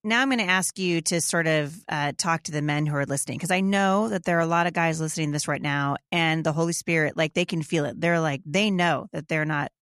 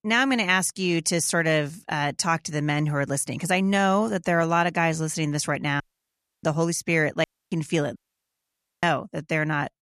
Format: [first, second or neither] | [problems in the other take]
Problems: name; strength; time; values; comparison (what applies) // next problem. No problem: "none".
first | audio cutting out; at 6 s for 0.5 s, at 7 s and at 8 s for 1 s